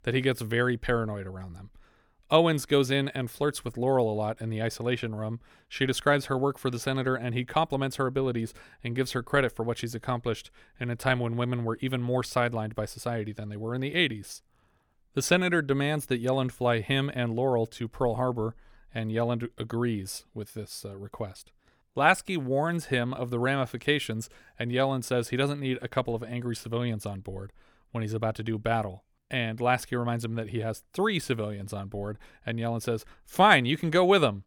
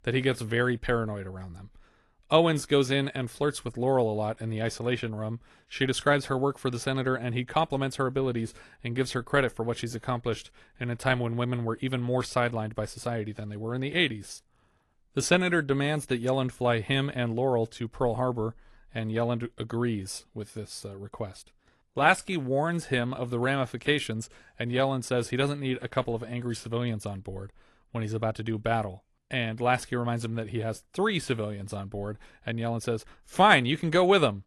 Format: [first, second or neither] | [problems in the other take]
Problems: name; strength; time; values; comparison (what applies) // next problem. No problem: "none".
first | garbled, watery; slightly; nothing above 11 kHz